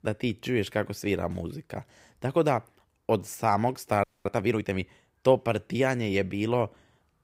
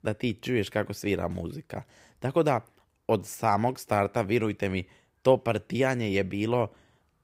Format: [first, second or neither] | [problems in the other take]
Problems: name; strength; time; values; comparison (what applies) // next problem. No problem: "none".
second | audio freezing; at 4 s